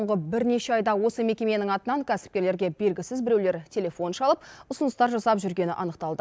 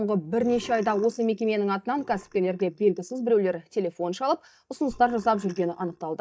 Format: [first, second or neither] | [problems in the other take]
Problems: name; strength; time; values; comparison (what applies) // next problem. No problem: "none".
first | noise reduction (neural mask model DeepFilterNet 3)